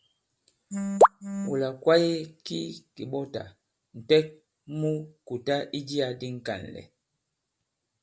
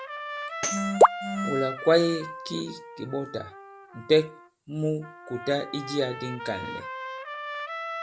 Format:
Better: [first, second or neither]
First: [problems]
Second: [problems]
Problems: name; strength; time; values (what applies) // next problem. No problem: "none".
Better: first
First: none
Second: background sound (Trumpet + Tambourine); 9 dB below the speech